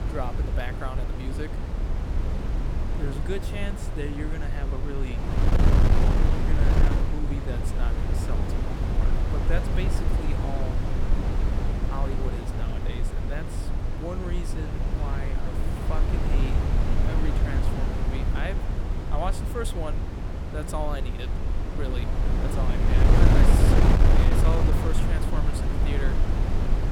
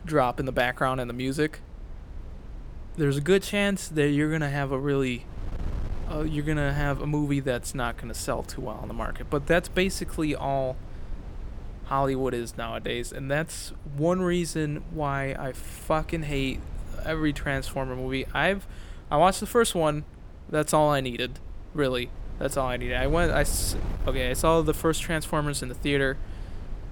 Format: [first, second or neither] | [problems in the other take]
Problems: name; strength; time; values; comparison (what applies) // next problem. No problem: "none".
second | wind noise on the microphone; heavy; 2 dB above the speech; occasional gusts in the second